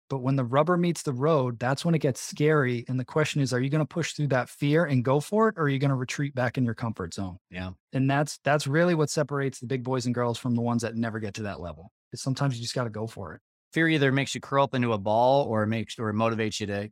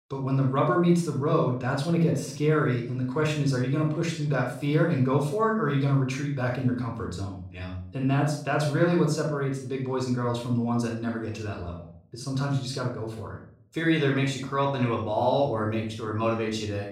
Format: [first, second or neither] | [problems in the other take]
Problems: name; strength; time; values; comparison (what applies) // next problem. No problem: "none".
first | off-mic speech; far // room echo; noticeable; dies away in 0.4 s